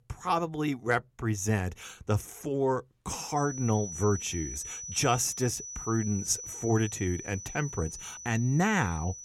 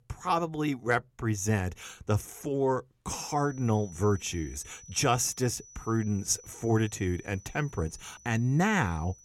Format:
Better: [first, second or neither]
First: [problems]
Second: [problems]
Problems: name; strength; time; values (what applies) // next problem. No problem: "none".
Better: second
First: high-pitched whine; loud; from 3.5 s on; 6 kHz, 9 dB below the speech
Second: high-pitched whine; faint; from 3.5 s on; 6 kHz, 20 dB below the speech